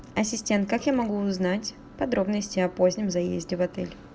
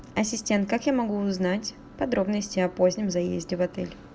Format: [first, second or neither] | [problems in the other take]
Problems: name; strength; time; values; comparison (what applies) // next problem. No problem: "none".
second | background sound (Burping, eructation); 19 dB below the speech